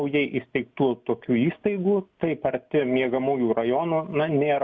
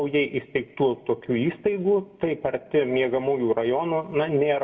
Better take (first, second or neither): first